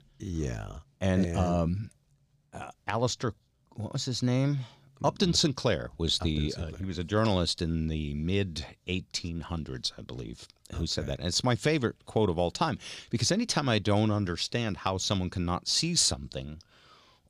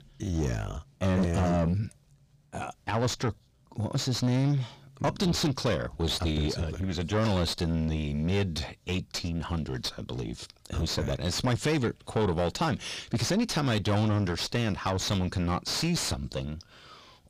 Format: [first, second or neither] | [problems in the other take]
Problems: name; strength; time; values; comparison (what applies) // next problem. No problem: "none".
first | distortion; heavy; 6 dB below the speech